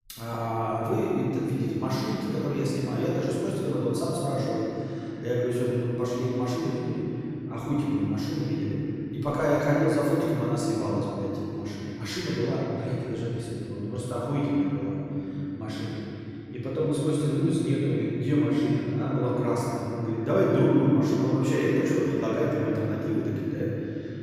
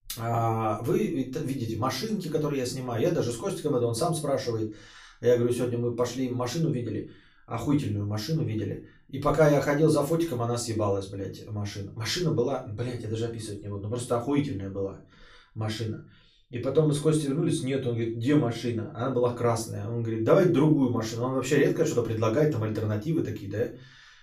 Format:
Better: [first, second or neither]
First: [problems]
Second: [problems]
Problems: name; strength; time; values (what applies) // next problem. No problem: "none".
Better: second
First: room echo; strong; dies away in 3 s // off-mic speech; far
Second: room echo; slight; dies away in 0.3 s // off-mic speech; far